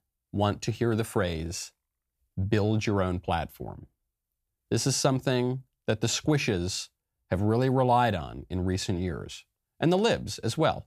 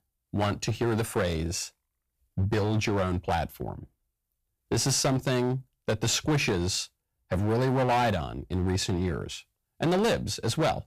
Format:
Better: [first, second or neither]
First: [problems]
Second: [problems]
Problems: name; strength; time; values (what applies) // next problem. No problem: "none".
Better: first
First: none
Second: distortion; heavy; 10% of the sound clipped